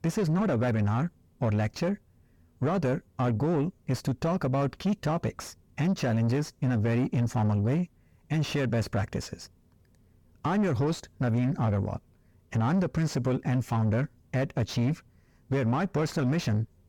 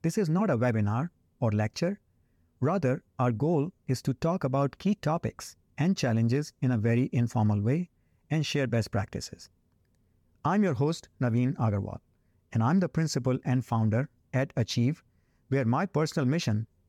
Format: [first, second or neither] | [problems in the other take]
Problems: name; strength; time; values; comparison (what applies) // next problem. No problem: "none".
second | distortion; slight; 10 dB below the speech